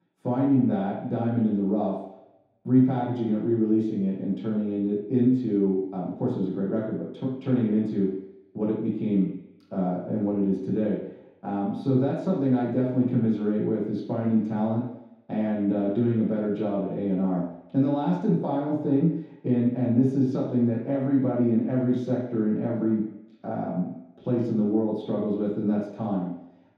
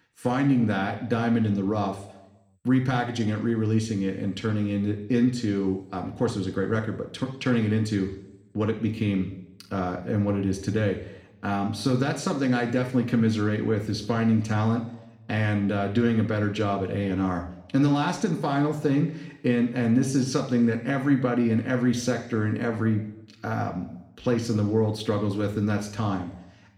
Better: second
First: room echo; strong; dies away in 0.8 s // off-mic speech; far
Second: room echo; slight; dies away in 0.7 s // off-mic speech; somewhat distant

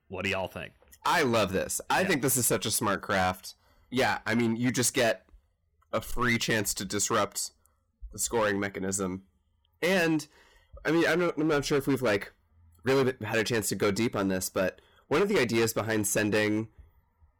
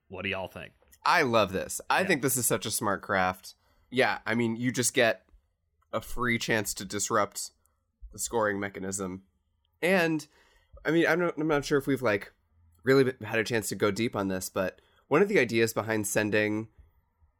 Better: second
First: distortion; heavy; 9% of the sound clipped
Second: none

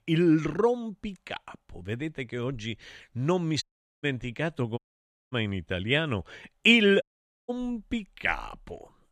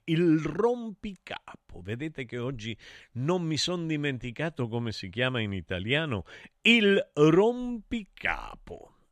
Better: second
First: audio cutting out; at 3.5 s, at 5 s for 0.5 s and at 7 s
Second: none

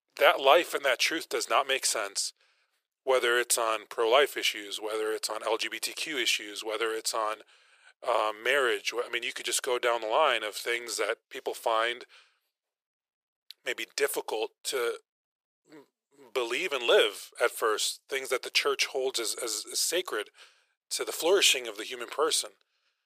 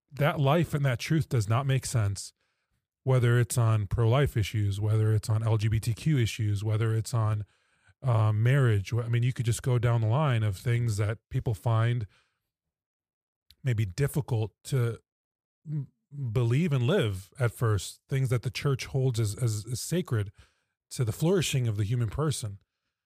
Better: second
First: thin; very; fading below 400 Hz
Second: none

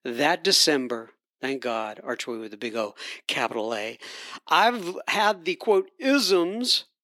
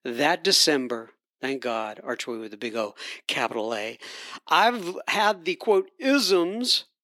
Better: neither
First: thin; somewhat; fading below 250 Hz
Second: thin; somewhat; fading below 250 Hz

